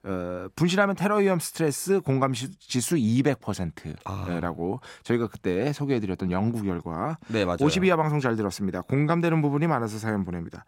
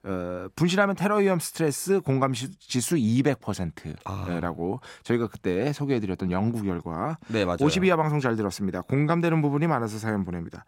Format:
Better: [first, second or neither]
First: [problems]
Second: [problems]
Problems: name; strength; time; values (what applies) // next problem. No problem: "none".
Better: neither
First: none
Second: none